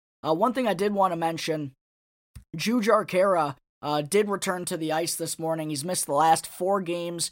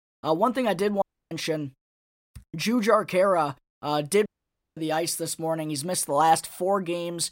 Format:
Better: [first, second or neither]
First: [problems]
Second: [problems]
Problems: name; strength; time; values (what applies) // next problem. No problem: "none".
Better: first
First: none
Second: audio cutting out; at 1 s and at 4.5 s for 0.5 s